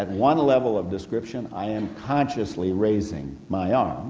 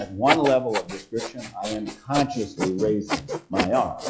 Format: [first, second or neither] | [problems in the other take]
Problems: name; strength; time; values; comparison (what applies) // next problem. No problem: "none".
first | noise reduction (classical method log-MMSE)